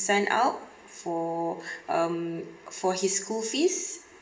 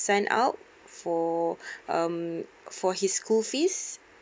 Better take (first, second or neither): second